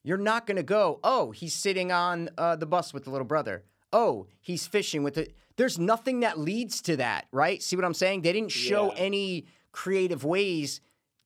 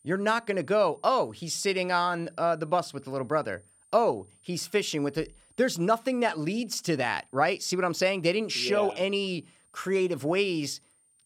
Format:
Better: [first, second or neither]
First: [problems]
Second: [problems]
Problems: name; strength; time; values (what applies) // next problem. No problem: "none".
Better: first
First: none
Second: high-pitched whine; faint; throughout; 9 kHz, 30 dB below the speech